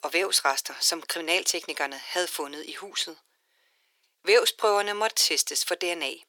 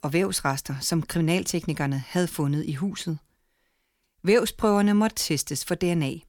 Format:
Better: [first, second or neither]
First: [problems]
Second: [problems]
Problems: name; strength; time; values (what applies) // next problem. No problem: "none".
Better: second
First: thin; very; fading below 400 Hz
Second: none